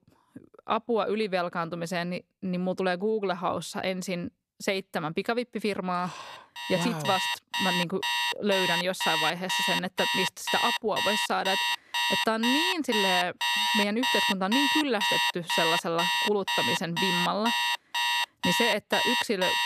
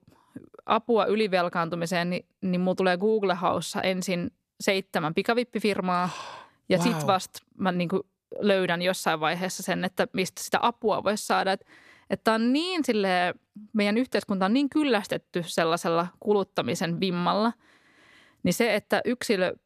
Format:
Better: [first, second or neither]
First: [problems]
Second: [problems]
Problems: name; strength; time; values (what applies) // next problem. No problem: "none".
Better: second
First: alarms or sirens; very loud; from 7 s on; 3 dB above the speech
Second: none